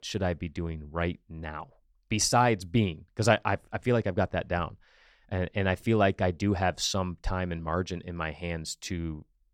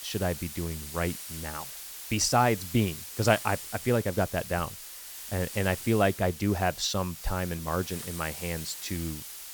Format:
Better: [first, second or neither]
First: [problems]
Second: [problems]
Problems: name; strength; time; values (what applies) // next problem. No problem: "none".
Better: first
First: none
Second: hiss; loud; throughout; 9 dB below the speech